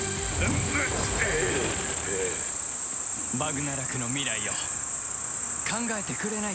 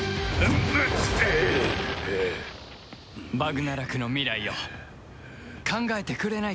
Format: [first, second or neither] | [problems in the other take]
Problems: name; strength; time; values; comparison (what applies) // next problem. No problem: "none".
second | background sound (Cricket); 2 dB above the speech